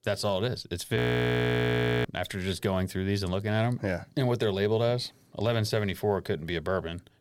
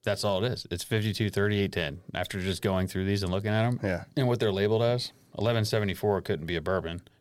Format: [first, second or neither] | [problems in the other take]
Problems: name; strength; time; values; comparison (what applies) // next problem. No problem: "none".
second | audio freezing; at 1 s for 1 s